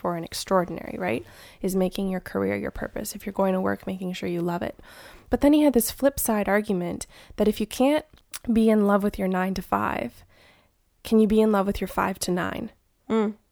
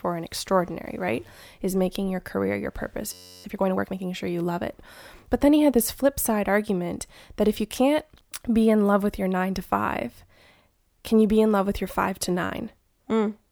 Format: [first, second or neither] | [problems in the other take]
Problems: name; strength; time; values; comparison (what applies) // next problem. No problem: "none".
first | audio freezing; at 3 s